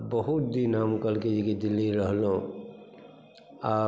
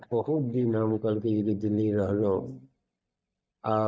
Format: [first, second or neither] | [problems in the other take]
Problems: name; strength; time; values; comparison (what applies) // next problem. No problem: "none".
first | noise reduction (neural mask model DeepFilterNet 3)